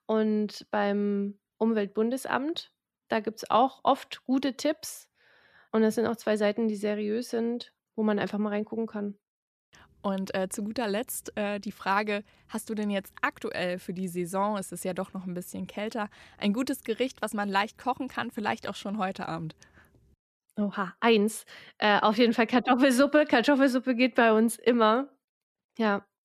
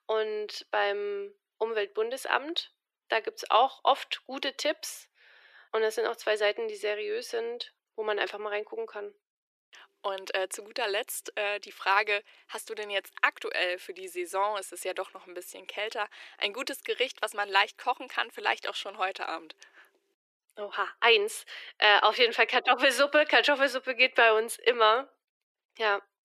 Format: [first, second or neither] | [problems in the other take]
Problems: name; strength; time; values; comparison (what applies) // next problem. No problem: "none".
first | thin; very; fading below 350 Hz